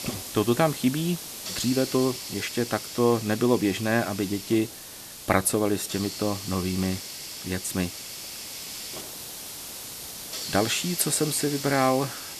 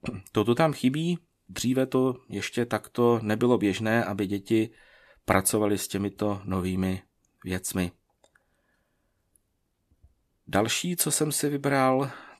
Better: second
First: hiss; loud; throughout; 8 dB below the speech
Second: none

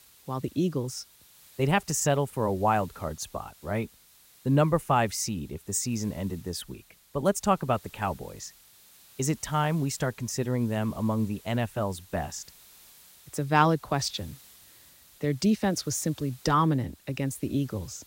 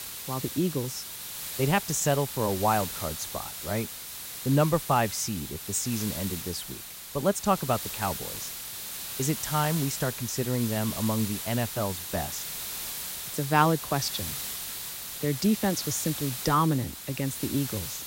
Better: first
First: hiss; faint; throughout; 25 dB below the speech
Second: hiss; loud; throughout; 6 dB below the speech

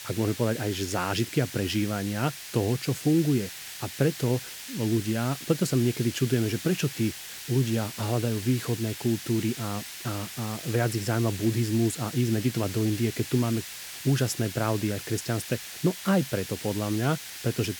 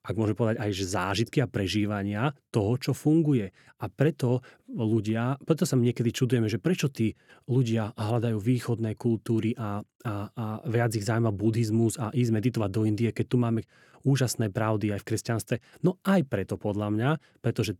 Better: second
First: hiss; loud; throughout; 9 dB below the speech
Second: none

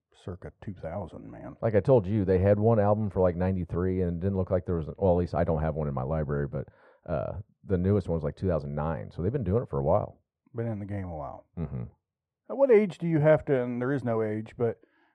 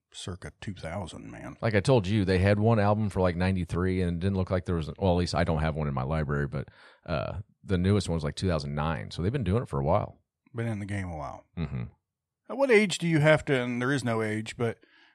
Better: second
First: muffled; very; fading above 2 kHz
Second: none

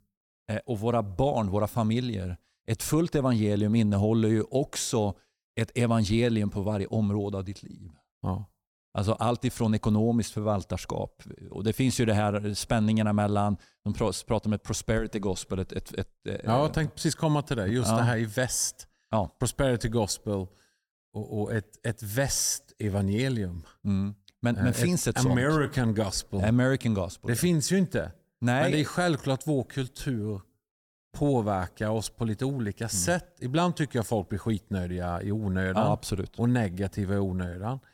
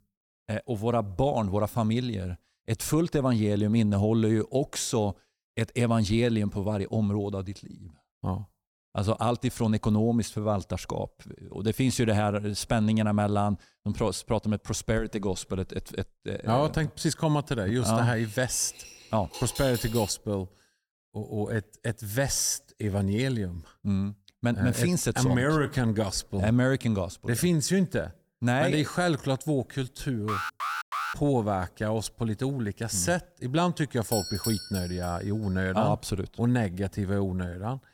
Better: first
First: none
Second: clattering dishes; noticeable; from 18 to 20 s; peak 8 dB below the speech // alarm; noticeable; at 30 s; peak 3 dB below the speech // doorbell; noticeable; from 34 to 35 s; peak 4 dB below the speech

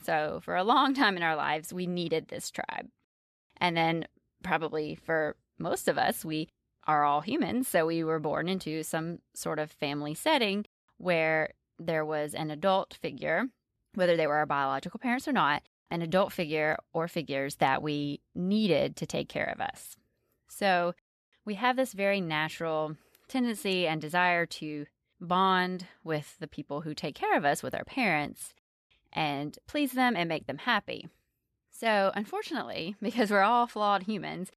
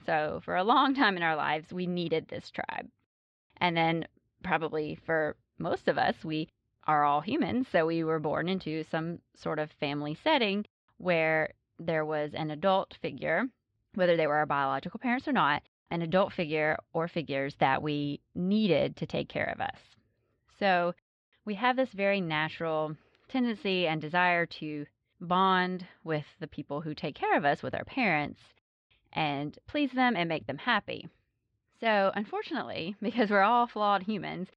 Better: first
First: none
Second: muffled; very slightly; fading above 4 kHz

